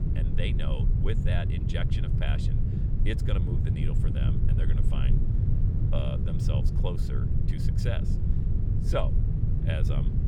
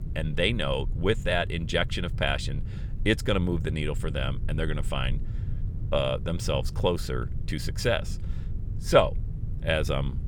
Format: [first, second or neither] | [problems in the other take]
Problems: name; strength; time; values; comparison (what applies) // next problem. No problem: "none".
second | low rumble; loud; throughout; 2 dB below the speech; faint in the second